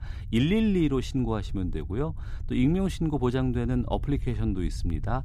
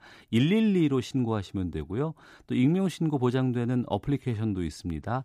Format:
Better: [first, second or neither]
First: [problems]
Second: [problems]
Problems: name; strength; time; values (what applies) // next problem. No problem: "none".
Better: second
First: low rumble; faint; throughout; 20 dB below the speech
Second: none